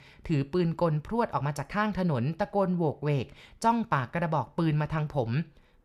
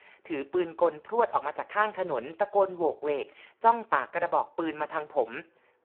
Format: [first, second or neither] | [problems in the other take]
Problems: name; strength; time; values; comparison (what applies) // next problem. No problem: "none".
first | phone-call audio; poor line